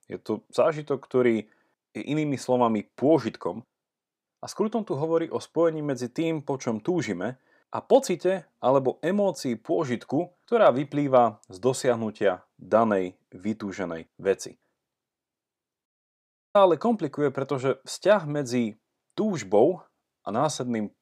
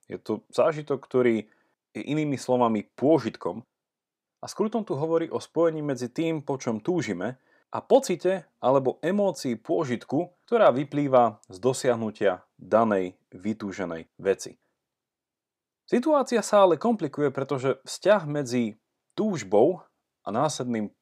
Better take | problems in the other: second | audio cutting out; at 16 s for 0.5 s

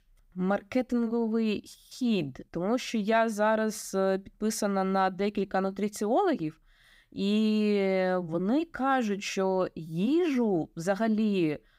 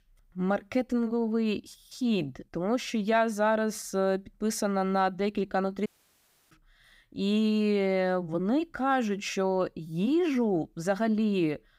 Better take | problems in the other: first | audio cutting out; at 6 s for 0.5 s

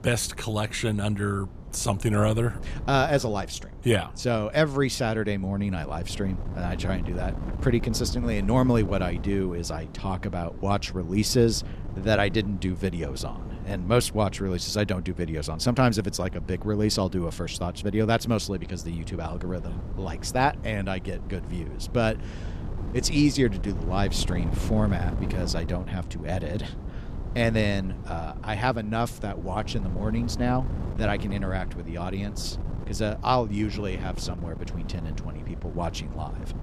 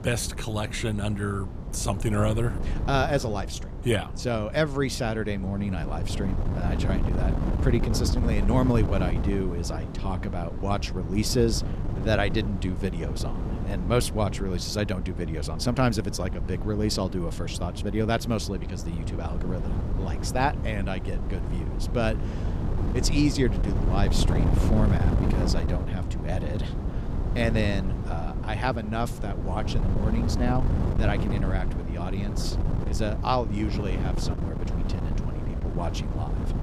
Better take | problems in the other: first | wind noise on the microphone; heavy; 8 dB below the speech; occasional gusts in the first

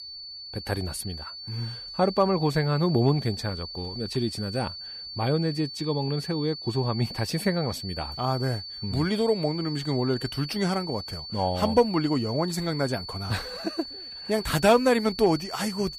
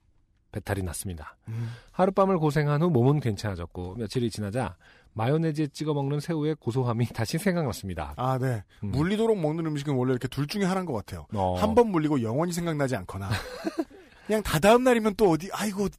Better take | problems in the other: second | high-pitched whine; loud; throughout; 4.5 kHz, 9 dB below the speech

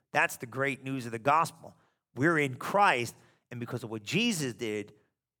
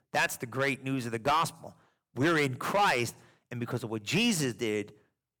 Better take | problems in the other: first | distortion; heavy; 4% of the sound clipped

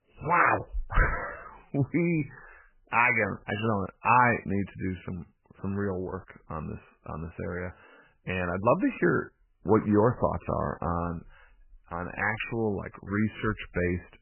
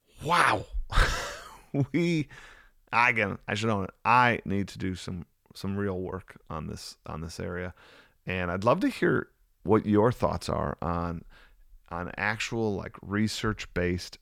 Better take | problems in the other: second | garbled, watery; badly; nothing above 2.5 kHz

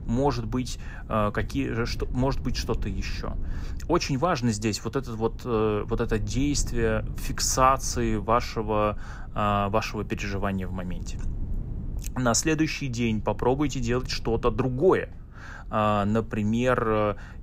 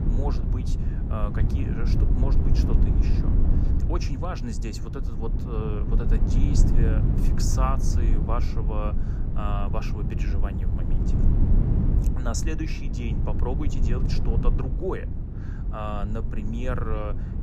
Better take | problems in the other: first | low rumble; loud; throughout; 3 dB below the speech; faint in the first

